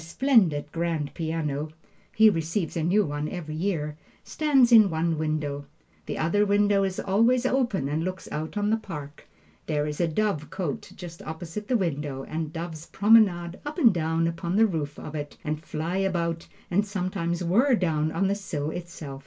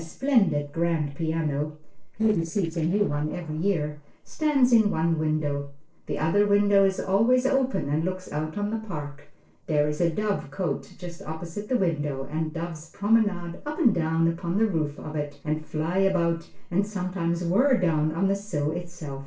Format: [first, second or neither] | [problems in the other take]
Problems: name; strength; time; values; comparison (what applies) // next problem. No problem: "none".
first | noise reduction (neural separator model SepFormer DNS4)